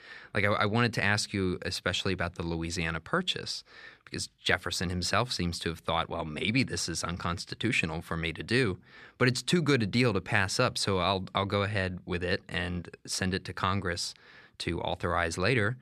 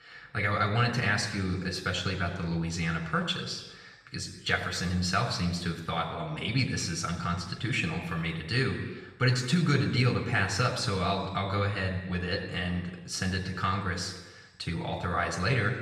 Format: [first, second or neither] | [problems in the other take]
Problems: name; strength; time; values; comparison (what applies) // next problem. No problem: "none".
first | room echo; noticeable; dies away in 1.1 s // off-mic speech; somewhat distant